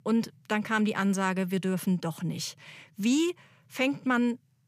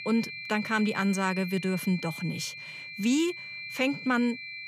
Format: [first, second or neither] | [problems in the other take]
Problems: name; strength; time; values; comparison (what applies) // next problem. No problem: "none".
first | high-pitched whine; loud; throughout; 2.5 kHz, 9 dB below the speech